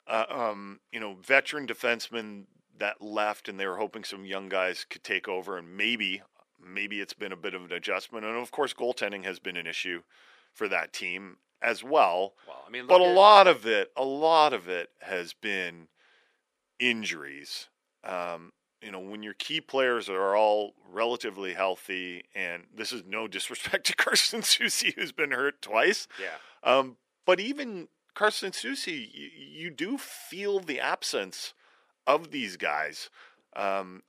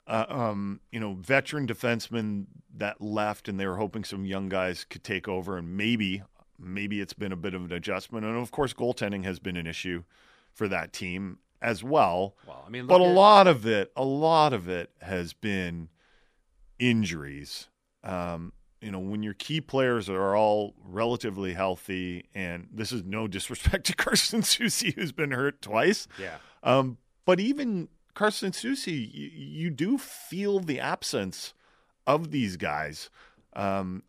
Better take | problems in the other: second | thin; somewhat; fading below 400 Hz

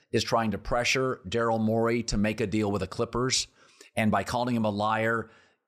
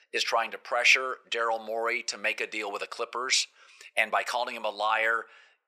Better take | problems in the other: first | thin; very; fading below 550 Hz

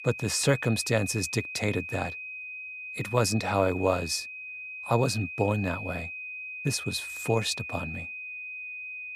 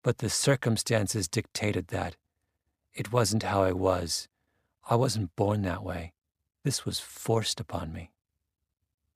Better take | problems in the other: second | high-pitched whine; loud; throughout; 2.5 kHz, 8 dB below the speech

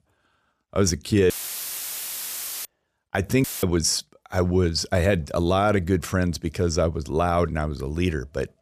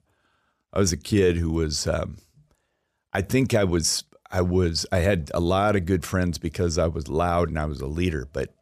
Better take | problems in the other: second | audio cutting out; filled with static; at 1.5 s for 1.5 s and at 3.5 s

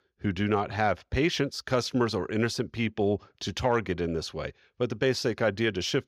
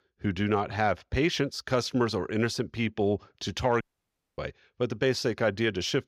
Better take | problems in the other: first | audio cutting out; at 4 s for 0.5 s

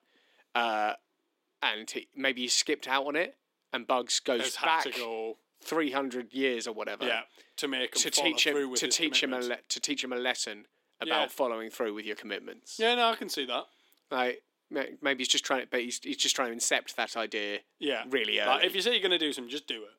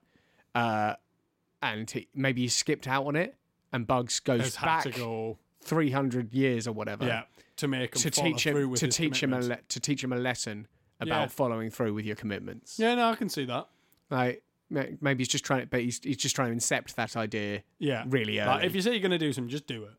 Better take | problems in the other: second | thin; somewhat; fading below 300 Hz

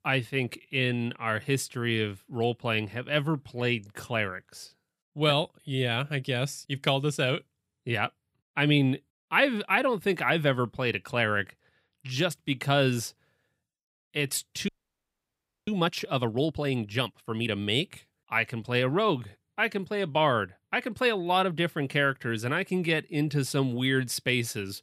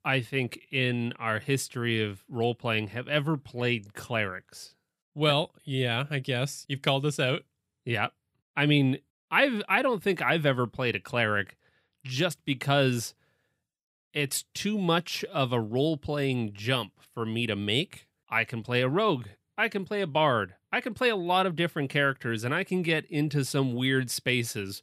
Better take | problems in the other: second | audio freezing; at 15 s for 1 s

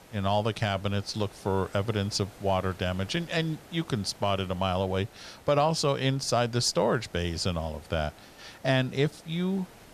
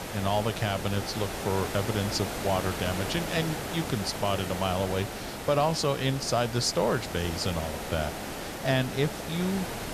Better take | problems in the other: first | hiss; loud; throughout; 6 dB below the speech; faint in the first

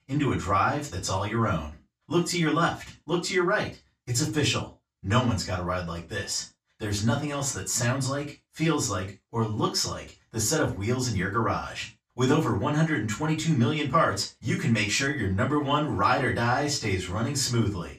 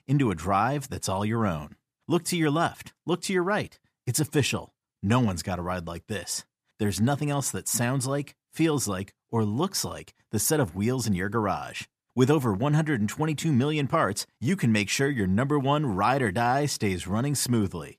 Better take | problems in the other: second | room echo; slight; dies away in 0.2 s // off-mic speech; far

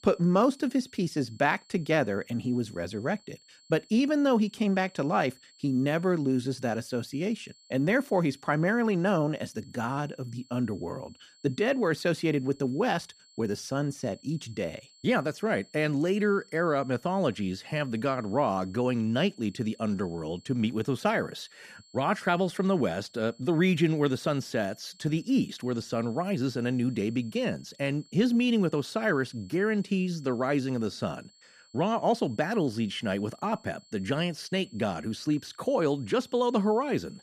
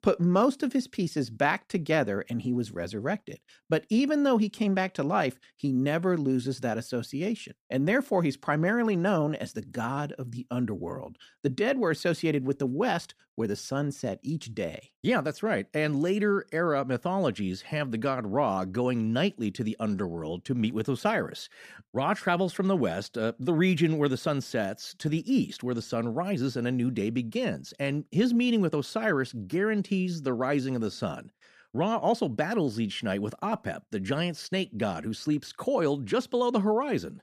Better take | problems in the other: second | high-pitched whine; faint; throughout; 4.5 kHz, 30 dB below the speech

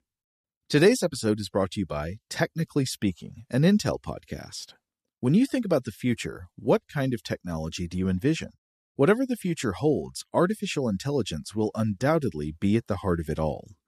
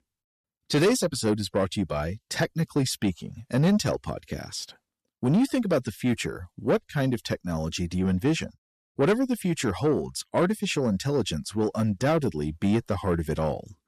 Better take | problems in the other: first | distortion; slight; 10 dB below the speech

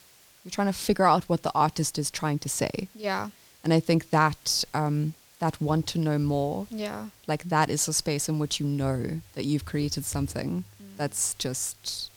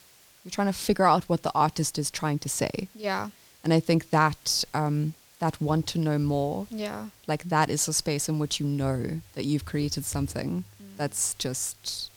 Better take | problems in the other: neither | hiss; faint; throughout; 25 dB below the speech; the same in both

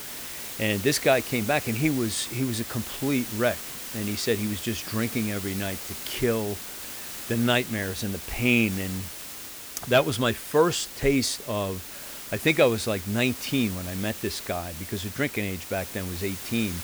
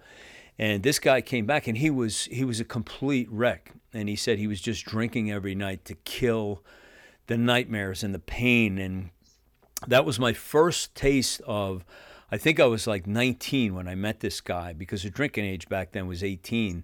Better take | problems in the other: second | hiss; loud; throughout; 9 dB below the speech

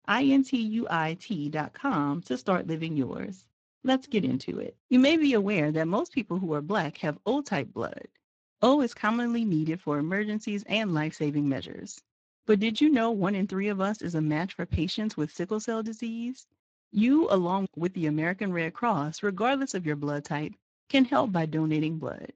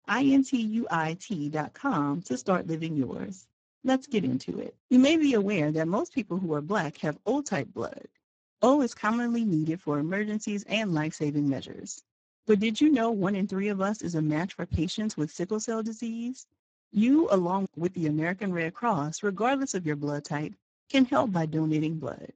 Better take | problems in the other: first | garbled, watery; badly; nothing above 7.5 kHz; slightly in the first

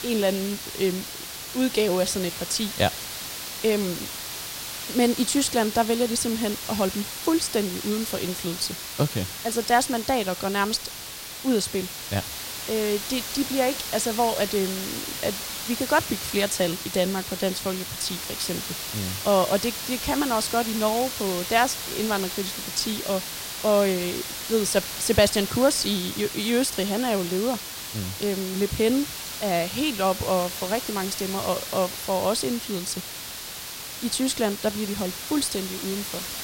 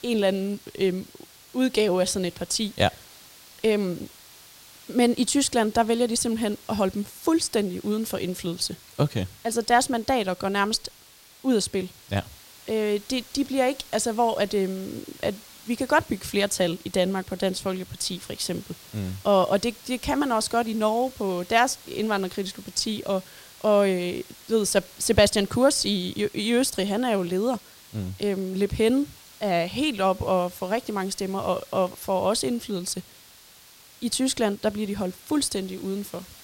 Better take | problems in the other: second | hiss; loud; throughout; 6 dB below the speech; faint in the second

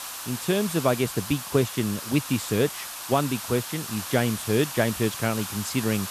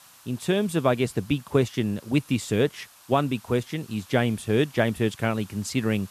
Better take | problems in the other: second | hiss; loud; throughout; 7 dB below the speech; faint in the second

